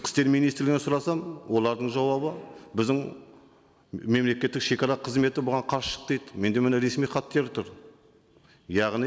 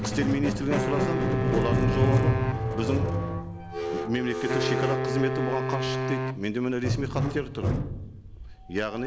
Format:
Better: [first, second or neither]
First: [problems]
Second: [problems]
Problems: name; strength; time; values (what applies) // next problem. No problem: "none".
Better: first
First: none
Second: background sound (Wind instrument, woodwind instrument + Squeak); 4 dB above the speech